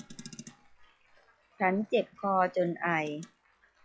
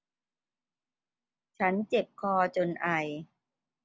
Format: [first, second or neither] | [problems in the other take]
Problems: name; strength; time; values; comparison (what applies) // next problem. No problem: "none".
second | noise reduction (classical method log-MMSE)